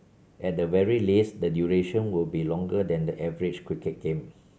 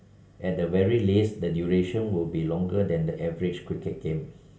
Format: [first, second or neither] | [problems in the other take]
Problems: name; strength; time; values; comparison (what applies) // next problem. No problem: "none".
first | room echo; dies away in 0.8 s